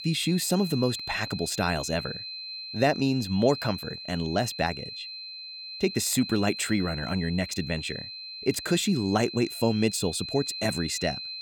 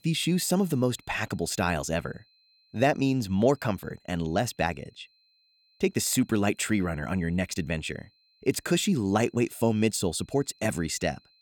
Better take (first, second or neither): second